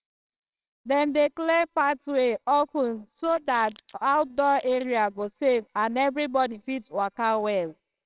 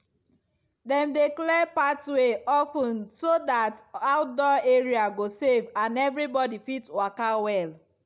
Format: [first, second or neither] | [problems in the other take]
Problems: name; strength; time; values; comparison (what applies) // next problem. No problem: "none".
second | noise reduction (neural separator model SepFormer WHAMR!)